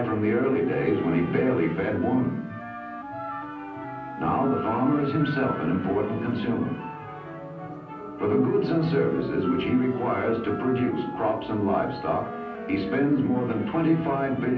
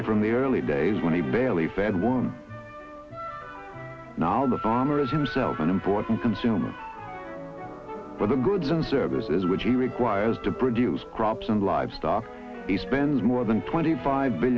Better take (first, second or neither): second